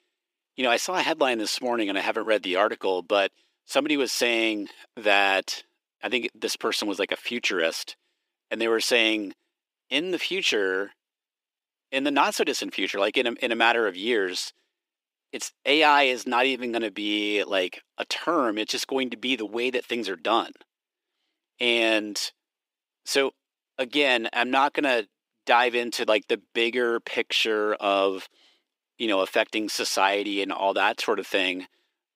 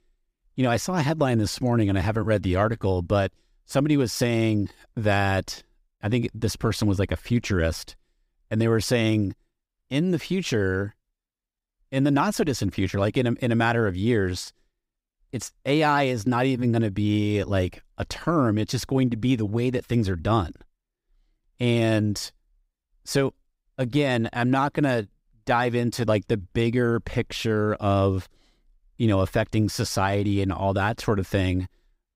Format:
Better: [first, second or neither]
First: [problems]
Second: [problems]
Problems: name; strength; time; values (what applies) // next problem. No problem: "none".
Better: second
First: thin; somewhat; fading below 300 Hz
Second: none